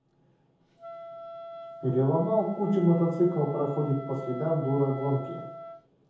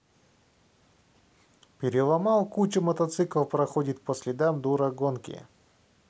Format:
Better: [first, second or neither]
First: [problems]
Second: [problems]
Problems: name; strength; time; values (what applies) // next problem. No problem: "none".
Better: second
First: background sound (Wind instrument, woodwind instrument); 14 dB below the speech // room echo; dies away in 0.7 s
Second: none